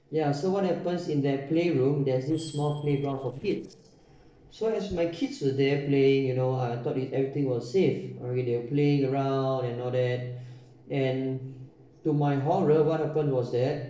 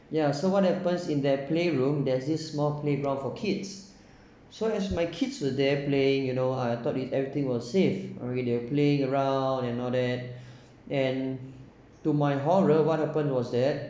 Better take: second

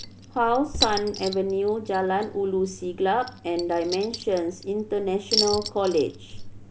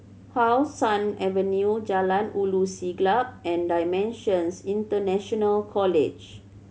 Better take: second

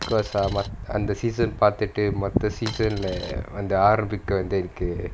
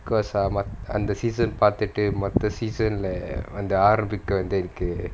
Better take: second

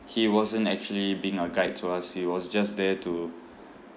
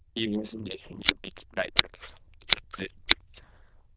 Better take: first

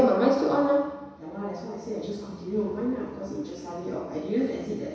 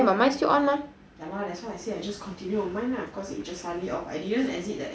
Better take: second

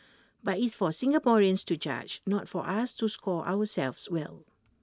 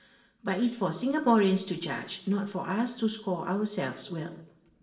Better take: first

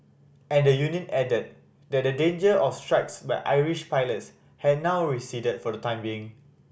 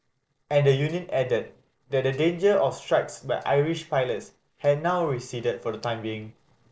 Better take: first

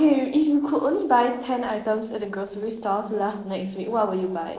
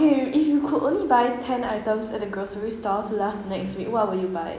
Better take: second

